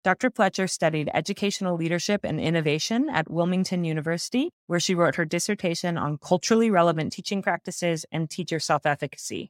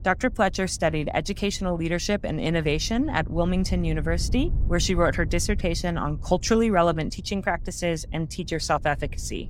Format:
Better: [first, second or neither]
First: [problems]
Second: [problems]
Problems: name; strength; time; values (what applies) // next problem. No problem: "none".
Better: first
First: none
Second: wind noise on the microphone; occasional gusts; 25 dB below the speech